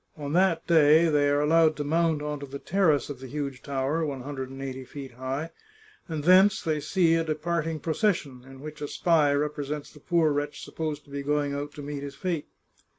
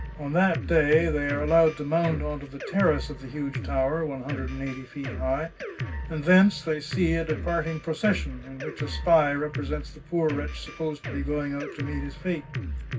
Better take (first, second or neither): first